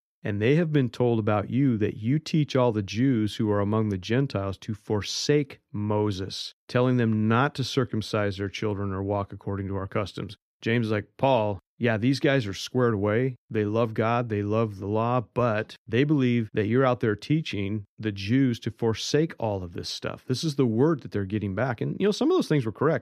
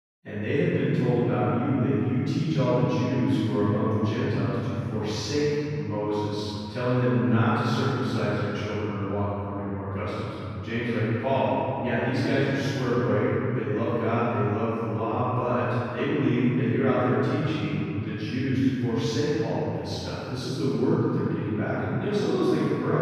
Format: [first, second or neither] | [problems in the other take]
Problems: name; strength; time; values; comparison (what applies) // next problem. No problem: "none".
first | off-mic speech; far // room echo; strong; dies away in 2.7 s